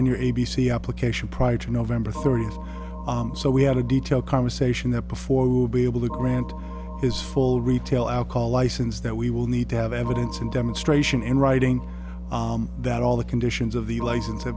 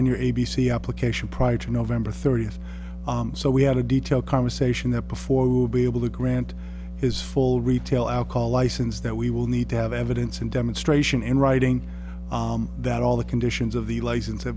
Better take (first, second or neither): second